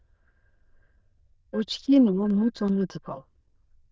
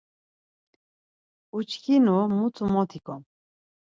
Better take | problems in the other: second | noise reduction (neural diffusion model UNIVERSE++)

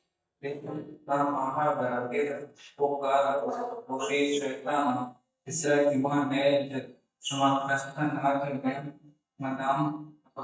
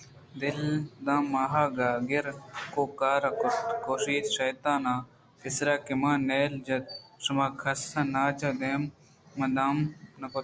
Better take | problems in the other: second | noise reduction (neural mask model DeepFilterNet 3)

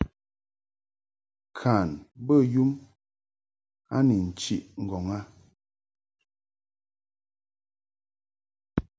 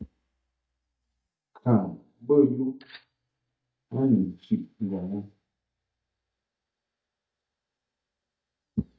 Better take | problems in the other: first | noise reduction (neural mask model DeepFilterNet 3)

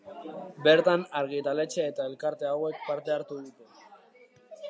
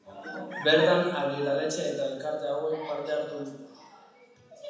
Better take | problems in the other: first | background sound (Chicken, rooster); 14 dB below the speech // room echo; dies away in 1 s

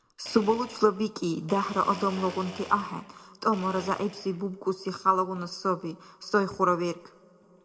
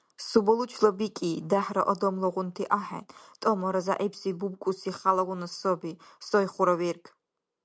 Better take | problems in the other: second | background sound (Domestic sounds, home sounds); 19 dB below the speech // room echo; dies away in 1.1 s

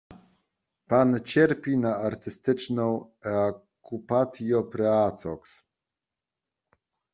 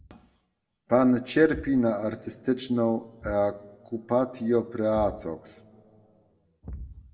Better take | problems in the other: first | background sound (Thump, thud); 20 dB below the speech // room echo; dies away in 0.9 s

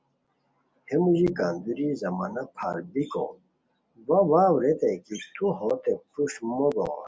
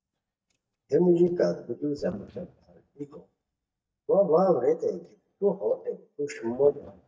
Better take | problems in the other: first | noise reduction (neural mask model DeepFilterNet 3)

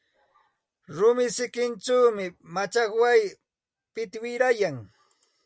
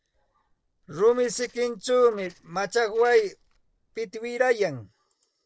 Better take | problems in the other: first | noise reduction (neural separator model SepFormer DNS4)

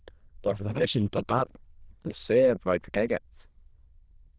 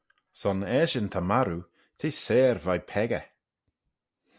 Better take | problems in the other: second | noise reduction (neural diffusion model UNIVERSE++)

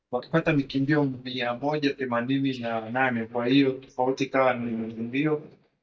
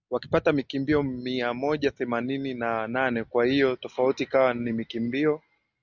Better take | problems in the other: second | noise reduction (neural mask model DeepFilterNet 3)

